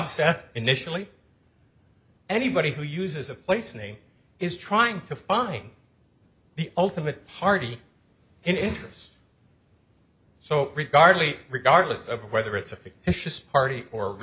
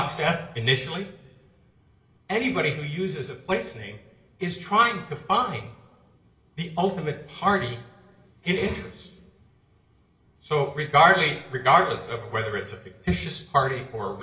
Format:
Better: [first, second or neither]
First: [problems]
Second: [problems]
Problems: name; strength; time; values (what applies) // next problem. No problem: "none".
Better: first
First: none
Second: room echo; dies away in 1.3 s